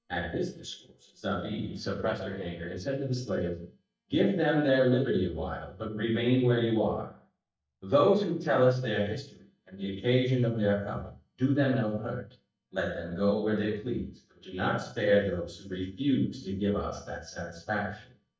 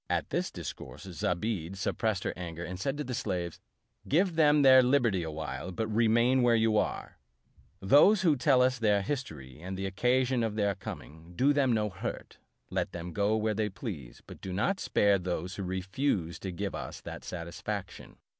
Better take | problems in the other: second | noise reduction (neural mask model DeepFilterNet 3)

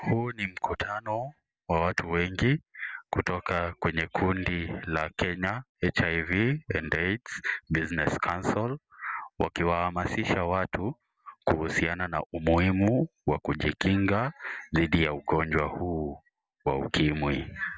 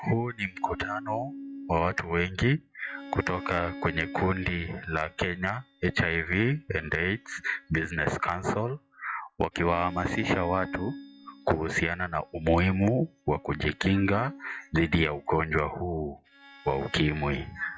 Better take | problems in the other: first | noise reduction (classical method log-MMSE)

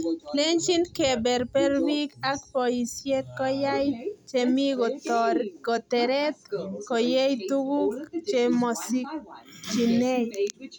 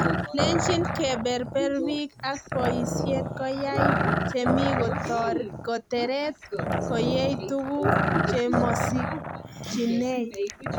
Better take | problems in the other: first | background sound (Growling); as loud as the speech

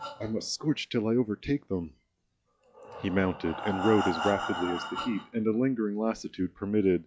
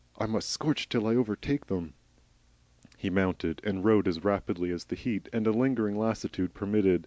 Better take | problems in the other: second | noise reduction (classical method log-MMSE)

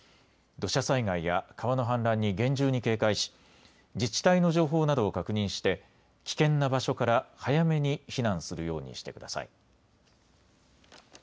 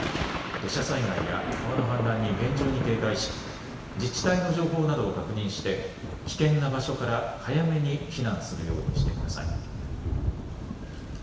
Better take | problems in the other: first | background sound (Thunder / Rain); 4 dB below the speech // room echo; dies away in 1.5 s

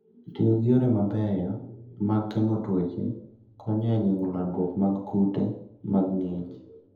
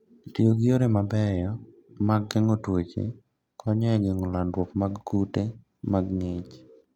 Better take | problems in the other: second | room echo; dies away in 0.7 s

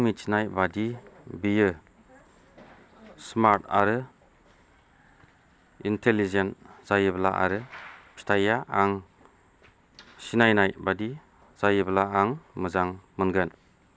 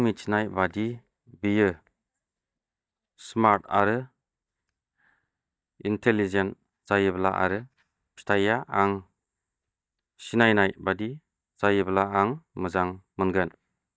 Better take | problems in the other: first | noise reduction (neural mask model DeepFilterNet 3)

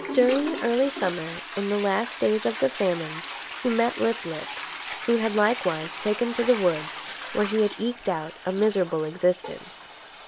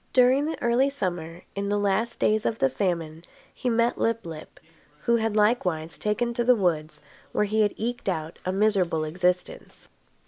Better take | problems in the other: second | background sound (Toilet flush); 10 dB below the speech

